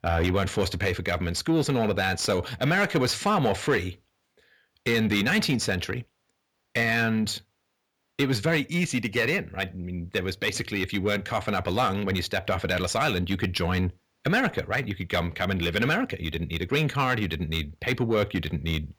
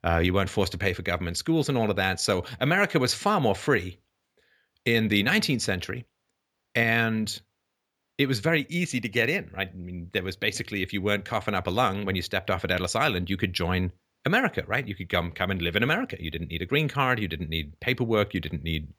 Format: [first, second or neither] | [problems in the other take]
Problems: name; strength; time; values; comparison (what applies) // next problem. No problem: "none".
second | distortion; slight; 10 dB below the speech